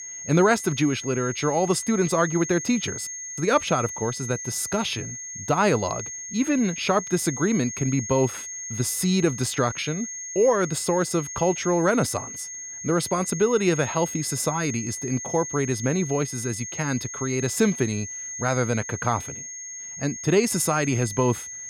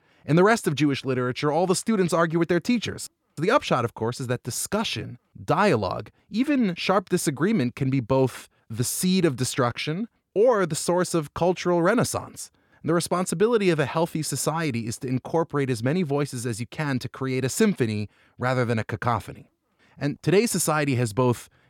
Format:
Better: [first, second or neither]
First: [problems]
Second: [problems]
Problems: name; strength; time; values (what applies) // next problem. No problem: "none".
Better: second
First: high-pitched whine; loud; throughout; 6.5 kHz, 8 dB below the speech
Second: none